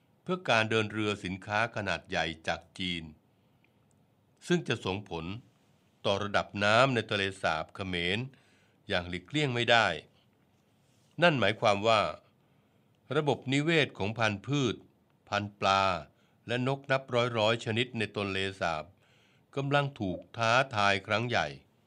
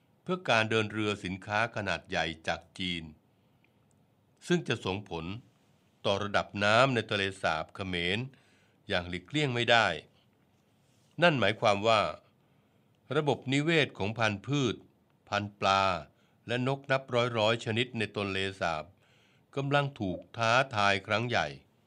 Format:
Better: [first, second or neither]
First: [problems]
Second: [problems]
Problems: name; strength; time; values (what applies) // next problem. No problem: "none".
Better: neither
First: none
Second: none